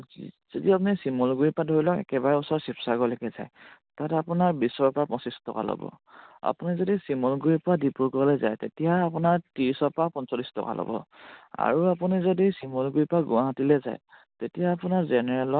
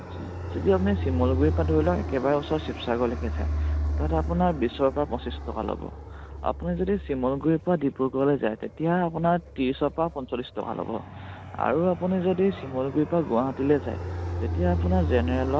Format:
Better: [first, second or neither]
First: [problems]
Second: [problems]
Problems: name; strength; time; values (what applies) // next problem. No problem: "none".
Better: first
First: none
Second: background sound (Fixed-wing aircraft, airplane); 5 dB below the speech